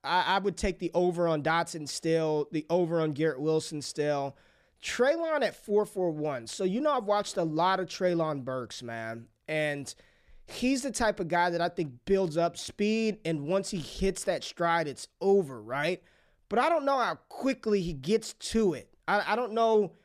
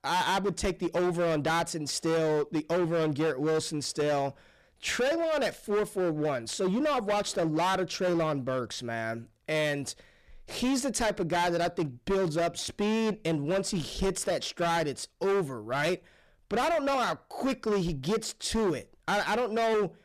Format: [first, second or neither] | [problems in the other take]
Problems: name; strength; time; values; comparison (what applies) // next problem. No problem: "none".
first | distortion; heavy; 18% of the sound clipped